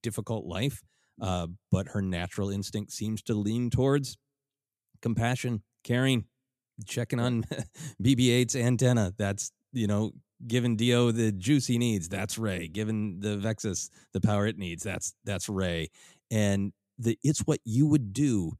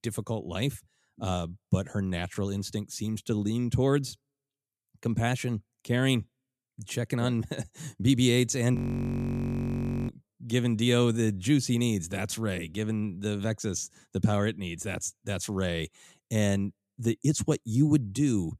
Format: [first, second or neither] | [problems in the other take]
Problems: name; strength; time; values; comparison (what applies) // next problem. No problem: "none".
first | audio freezing; at 9 s for 1.5 s